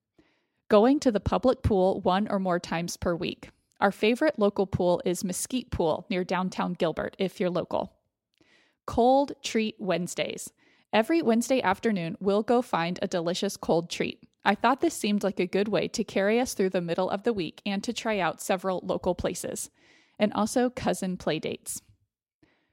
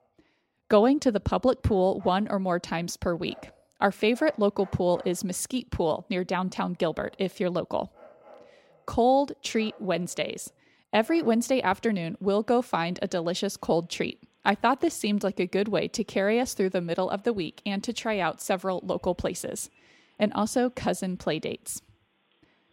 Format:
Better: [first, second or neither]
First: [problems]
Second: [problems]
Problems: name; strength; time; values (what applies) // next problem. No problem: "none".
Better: first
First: none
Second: animal sounds; faint; throughout; 30 dB below the speech